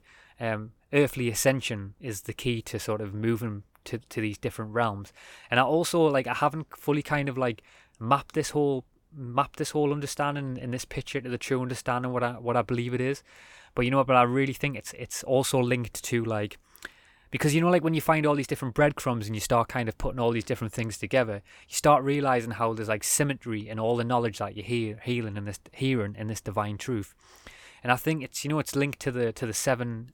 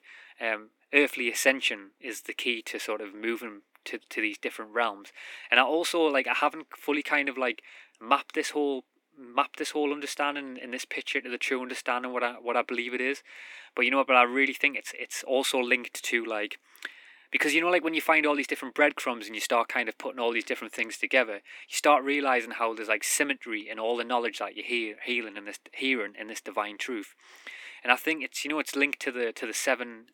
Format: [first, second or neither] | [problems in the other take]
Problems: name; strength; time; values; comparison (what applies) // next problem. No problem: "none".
first | thin; very slightly; fading below 250 Hz